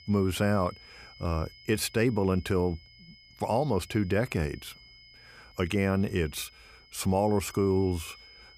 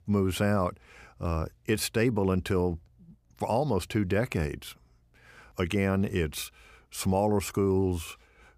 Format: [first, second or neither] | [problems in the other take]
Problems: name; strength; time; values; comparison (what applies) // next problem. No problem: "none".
second | high-pitched whine; faint; throughout; 5 kHz, 25 dB below the speech